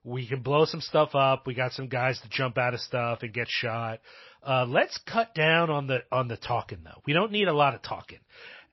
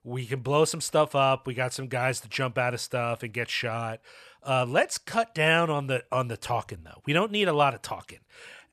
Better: second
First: garbled, watery; slightly; nothing above 5.5 kHz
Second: none

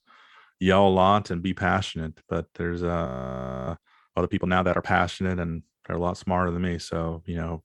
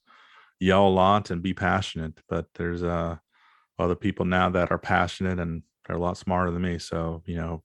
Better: second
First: audio freezing; at 3 s for 0.5 s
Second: none

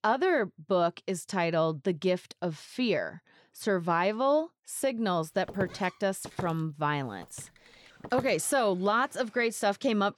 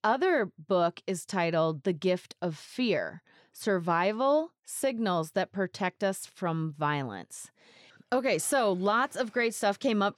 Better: second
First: footsteps; faint; from 5.5 to 8.5 s; peak 10 dB below the speech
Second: none

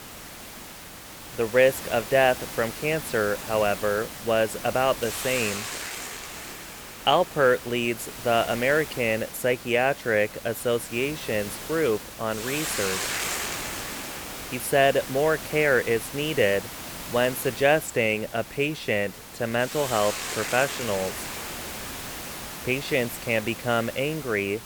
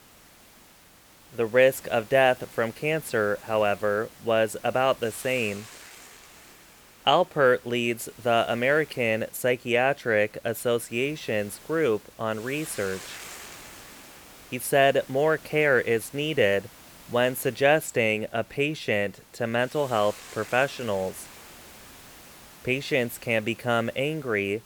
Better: second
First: hiss; loud; throughout; 9 dB below the speech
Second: hiss; faint; throughout; 20 dB below the speech

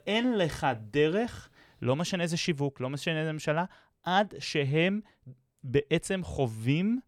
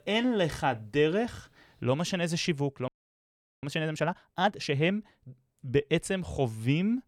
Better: first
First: none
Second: audio freezing; at 3 s for 1 s

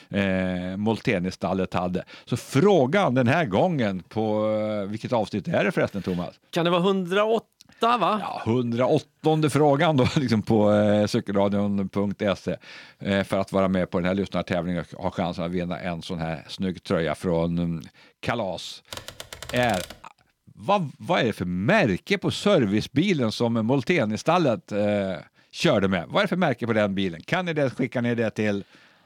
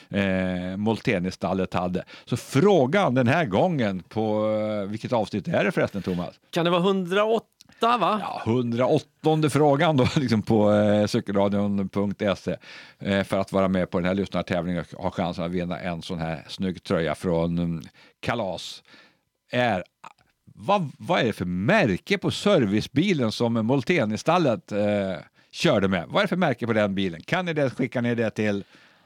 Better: second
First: keyboard typing; faint; from 19 to 20 s; peak 10 dB below the speech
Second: none

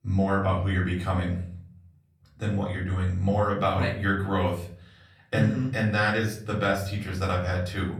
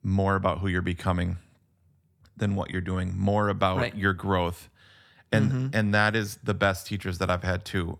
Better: second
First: room echo; slight; dies away in 0.5 s // off-mic speech; far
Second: none

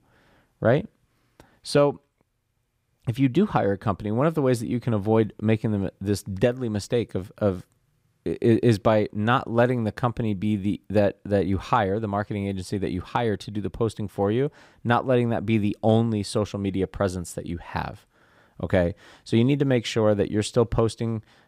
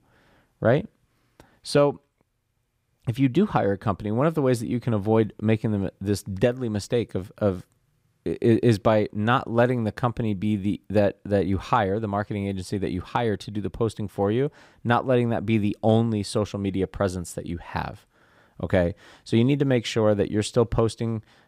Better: neither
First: none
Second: none

